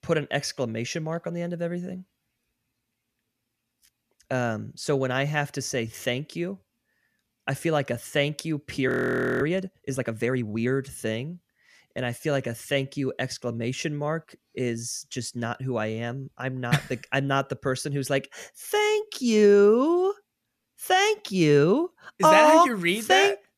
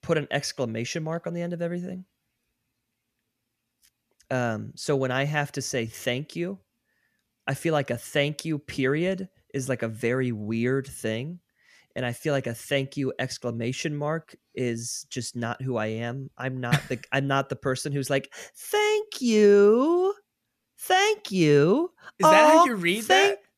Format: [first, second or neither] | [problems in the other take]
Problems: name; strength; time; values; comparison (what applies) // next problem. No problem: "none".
second | audio freezing; at 9 s for 0.5 s